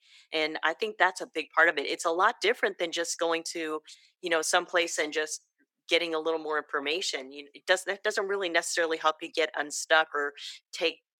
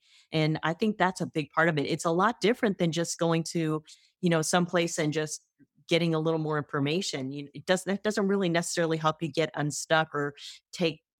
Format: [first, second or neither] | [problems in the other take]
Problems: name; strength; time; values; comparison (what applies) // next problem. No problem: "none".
second | thin; very; fading below 400 Hz